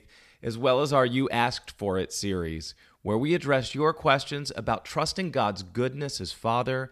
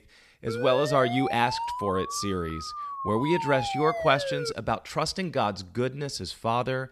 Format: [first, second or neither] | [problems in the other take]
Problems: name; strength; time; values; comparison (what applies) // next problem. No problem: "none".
first | siren; noticeable; until 4.5 s; peak 4 dB below the speech